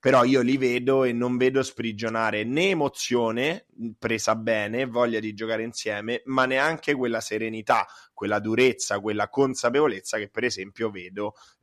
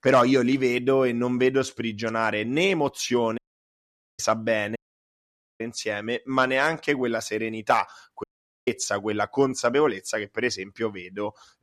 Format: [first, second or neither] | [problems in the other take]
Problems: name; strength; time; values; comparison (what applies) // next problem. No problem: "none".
first | audio cutting out; at 3.5 s for 1 s, at 5 s for 1 s and at 8 s